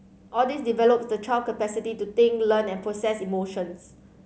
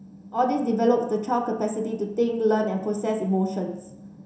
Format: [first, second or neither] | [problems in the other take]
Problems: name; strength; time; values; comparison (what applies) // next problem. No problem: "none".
first | room echo; dies away in 0.7 s